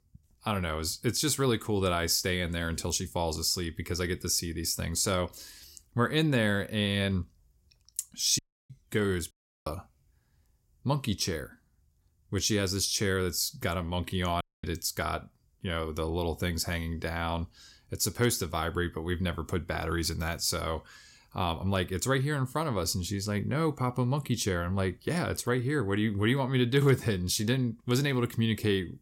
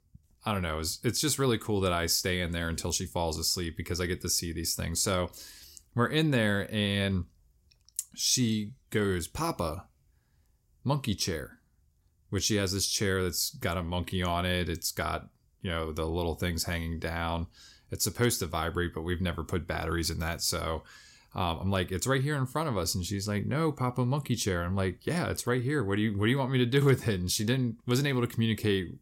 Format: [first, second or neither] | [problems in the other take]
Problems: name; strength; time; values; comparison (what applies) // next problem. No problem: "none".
second | audio cutting out; at 8.5 s, at 9.5 s and at 14 s